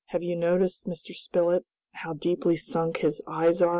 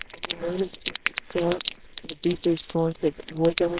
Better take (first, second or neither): first